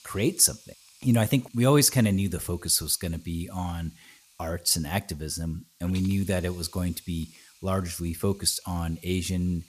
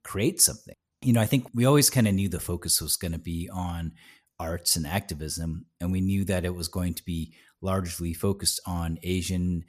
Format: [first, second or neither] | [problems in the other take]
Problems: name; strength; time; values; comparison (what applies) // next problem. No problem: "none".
second | hiss; faint; throughout; 25 dB below the speech